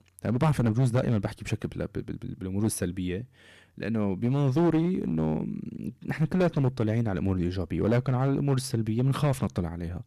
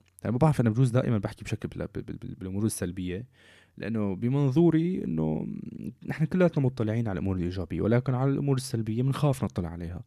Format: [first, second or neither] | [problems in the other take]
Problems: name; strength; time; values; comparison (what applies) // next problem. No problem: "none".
second | distortion; slight; 7% of the sound clipped